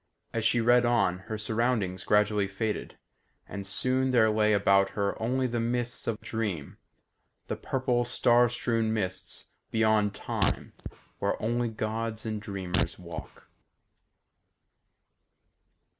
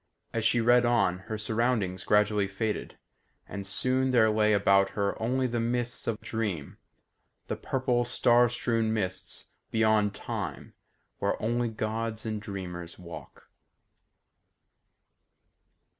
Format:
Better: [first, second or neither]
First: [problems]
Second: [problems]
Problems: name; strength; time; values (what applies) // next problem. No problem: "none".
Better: second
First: background sound (Fart); 6 dB below the speech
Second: none